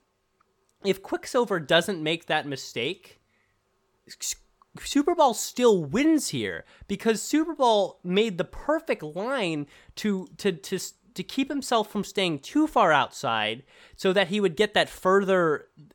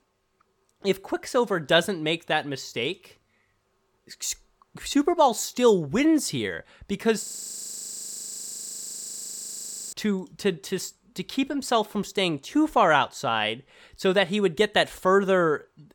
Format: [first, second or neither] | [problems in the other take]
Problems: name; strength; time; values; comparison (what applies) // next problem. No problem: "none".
first | audio freezing; at 7 s for 2.5 s